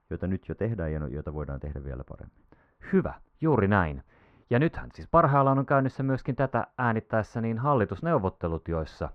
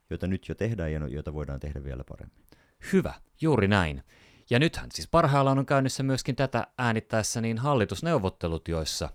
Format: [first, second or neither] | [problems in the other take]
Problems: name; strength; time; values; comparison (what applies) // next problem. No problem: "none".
second | muffled; very; fading above 3.5 kHz